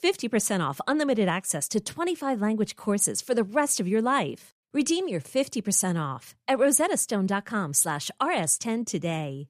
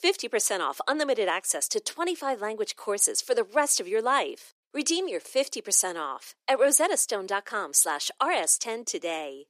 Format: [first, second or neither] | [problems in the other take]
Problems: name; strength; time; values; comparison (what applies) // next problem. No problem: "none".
first | thin; somewhat; fading below 350 Hz